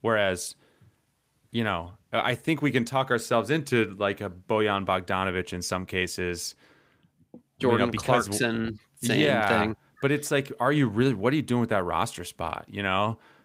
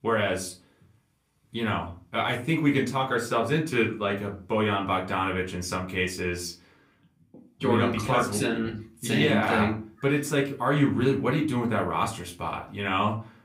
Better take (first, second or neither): first